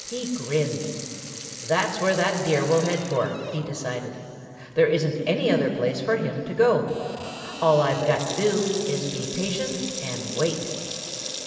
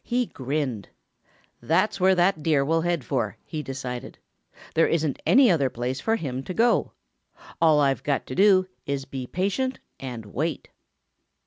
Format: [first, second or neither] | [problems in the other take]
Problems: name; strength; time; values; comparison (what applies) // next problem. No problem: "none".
second | background sound (Sink (filling or washing) / Water tap, faucet); 11 dB below the speech // room echo; dies away in 2.8 s